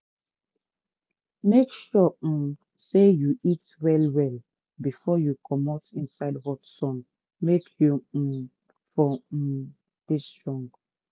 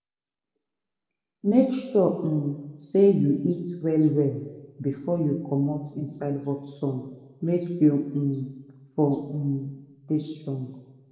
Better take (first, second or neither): first